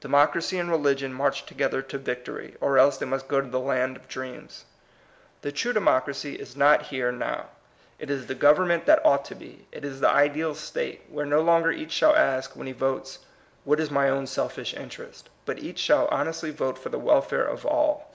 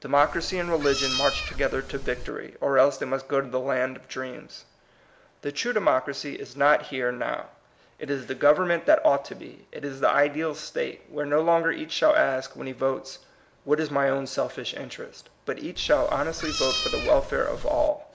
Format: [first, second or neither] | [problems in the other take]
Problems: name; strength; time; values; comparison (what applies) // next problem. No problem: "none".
first | background sound (Meow); 6 dB below the speech